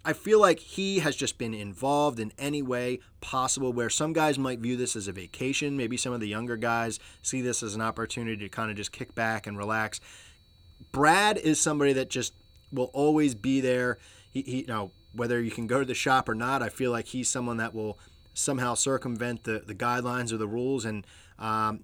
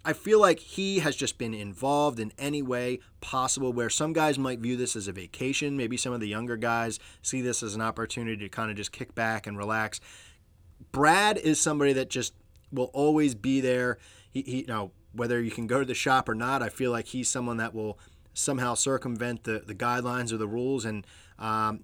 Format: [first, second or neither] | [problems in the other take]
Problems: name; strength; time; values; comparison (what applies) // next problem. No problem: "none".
second | high-pitched whine; faint; from 5 to 19 s; 4 kHz, 35 dB below the speech